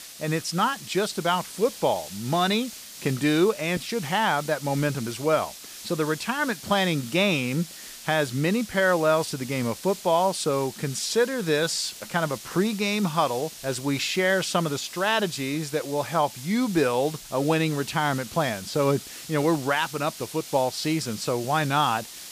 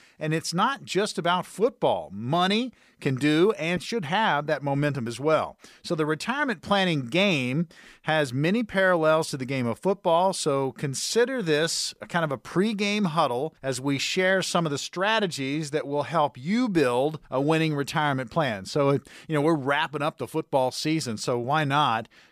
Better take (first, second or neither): second